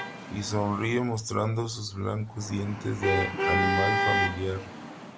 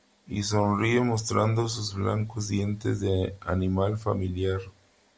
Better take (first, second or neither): second